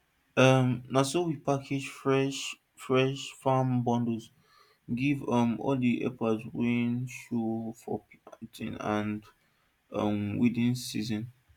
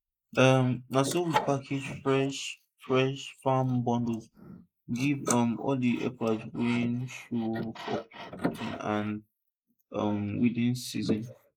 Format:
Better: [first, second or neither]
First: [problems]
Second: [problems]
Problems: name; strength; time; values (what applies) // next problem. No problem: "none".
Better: first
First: none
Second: noise reduction (neural mask model Resemble Enhance denoiser)